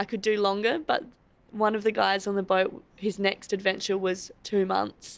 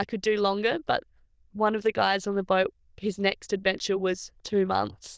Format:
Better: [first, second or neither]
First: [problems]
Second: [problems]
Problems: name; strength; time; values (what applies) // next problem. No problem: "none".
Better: first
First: none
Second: noise reduction (neural diffusion model UNIVERSE++)